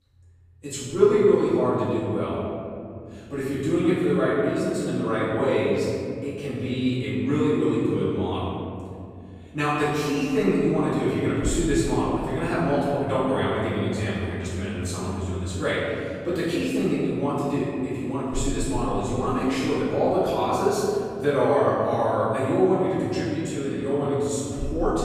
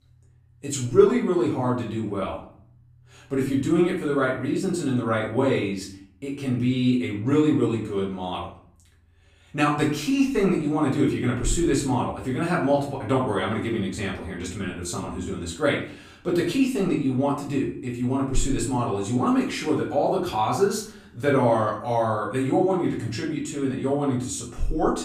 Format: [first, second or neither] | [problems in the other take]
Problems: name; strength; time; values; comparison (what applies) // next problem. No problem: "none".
second | room echo; strong; dies away in 2.7 s; slight in the second // off-mic speech; far; far in the second